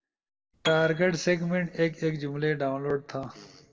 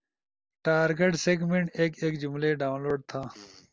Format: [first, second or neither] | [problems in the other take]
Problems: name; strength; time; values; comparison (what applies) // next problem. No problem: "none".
second | background sound (Piano); 14 dB below the speech // room echo; dies away in 1.4 s